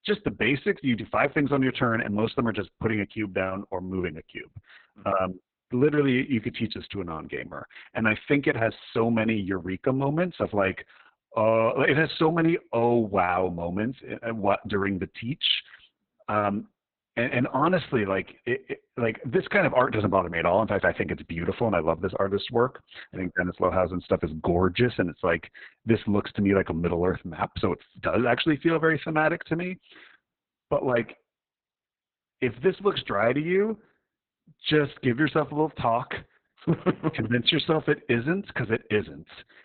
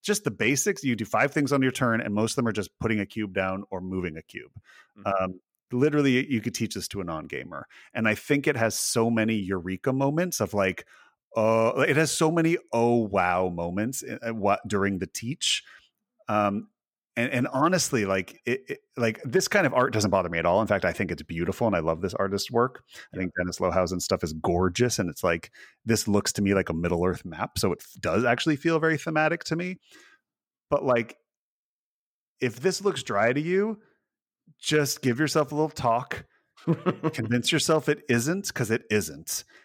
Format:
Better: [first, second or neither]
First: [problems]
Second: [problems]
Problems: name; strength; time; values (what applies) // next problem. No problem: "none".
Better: second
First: garbled, watery; badly; nothing above 4 kHz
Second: none